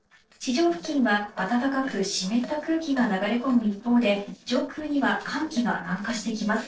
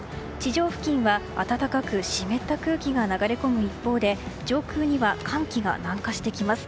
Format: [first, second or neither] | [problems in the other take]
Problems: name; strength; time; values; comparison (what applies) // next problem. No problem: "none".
second | noise reduction (neural separator model SepFormer DNS4)